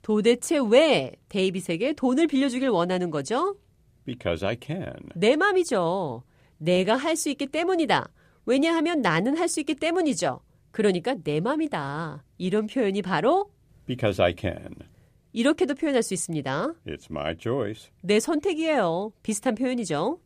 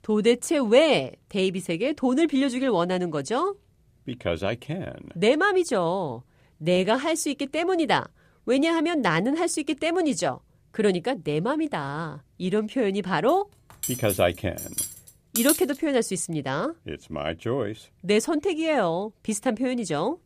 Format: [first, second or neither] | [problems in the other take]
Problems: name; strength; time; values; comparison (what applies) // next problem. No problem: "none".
first | clattering dishes; loud; from 14 to 16 s; peak level with the speech